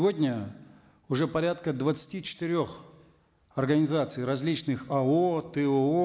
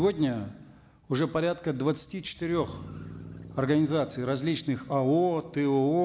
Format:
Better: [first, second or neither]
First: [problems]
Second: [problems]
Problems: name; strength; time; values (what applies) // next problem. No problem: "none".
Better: first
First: none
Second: background sound (Motor vehicle (road)); 19 dB below the speech